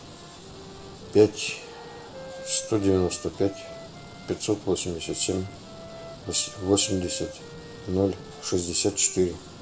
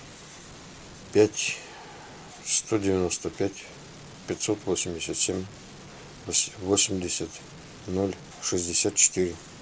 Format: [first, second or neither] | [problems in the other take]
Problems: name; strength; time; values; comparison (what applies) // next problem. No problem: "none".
second | background sound (Wind instrument, woodwind instrument); 18 dB below the speech // room echo; dies away in 0.4 s